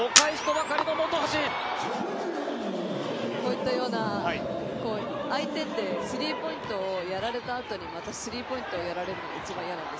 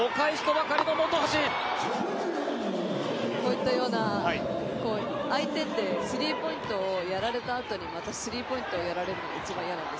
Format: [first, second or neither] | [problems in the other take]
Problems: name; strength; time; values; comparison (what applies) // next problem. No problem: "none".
second | background sound (Camera); 2 dB above the speech